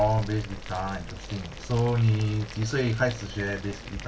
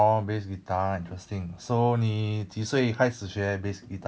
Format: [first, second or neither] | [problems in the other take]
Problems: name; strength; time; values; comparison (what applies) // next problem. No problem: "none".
second | background sound (Boiling); 12 dB below the speech // room echo; dies away in 0.2 s